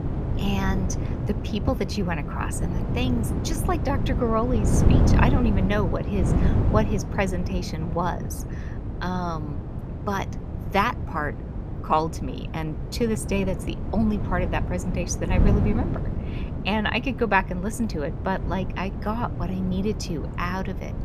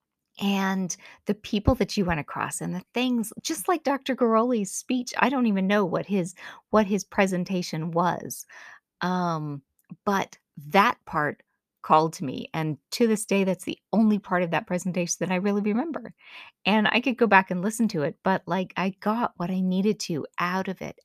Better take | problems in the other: second | wind noise on the microphone; heavy; 8 dB below the speech

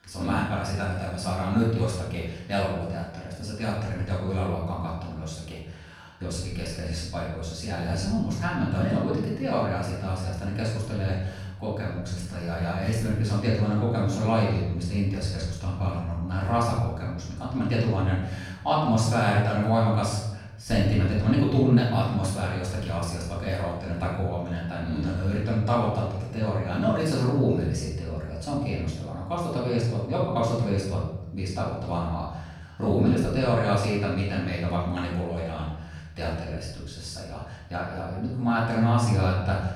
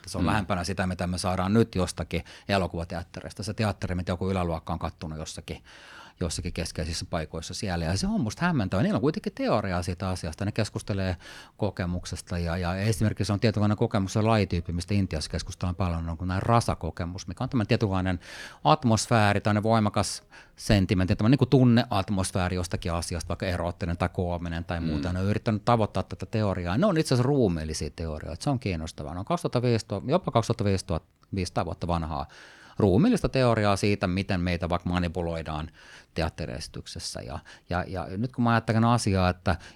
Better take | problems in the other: second | off-mic speech; far // room echo; noticeable; dies away in 0.9 s

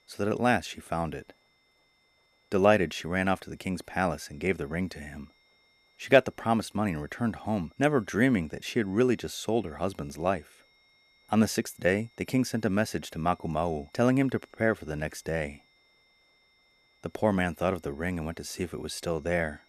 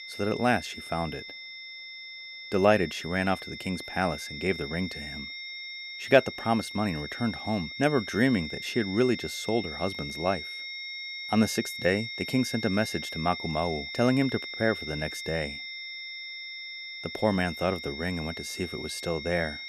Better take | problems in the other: first | high-pitched whine; loud; throughout; 2 kHz, 8 dB below the speech; faint in the first

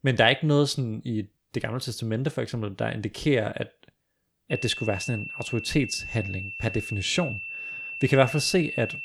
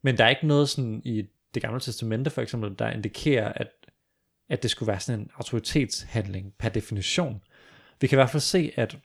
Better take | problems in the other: second | high-pitched whine; loud; from 4.5 s on; 2.5 kHz, 7 dB below the speech

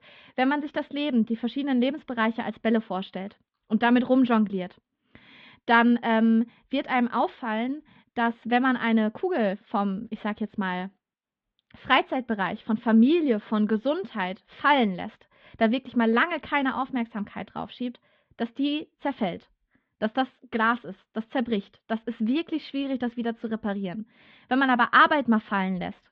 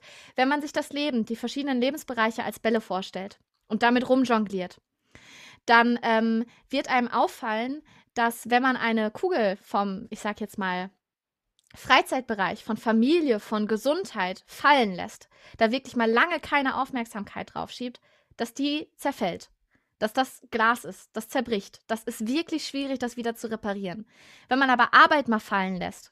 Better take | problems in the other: second | muffled; slightly; fading above 3.5 kHz

